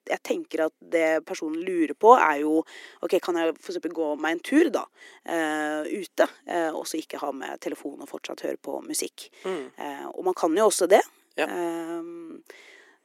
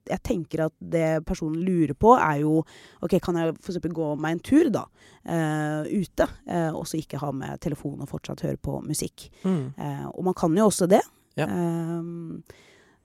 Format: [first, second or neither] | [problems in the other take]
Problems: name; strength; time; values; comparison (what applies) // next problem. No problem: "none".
second | thin; somewhat; fading below 300 Hz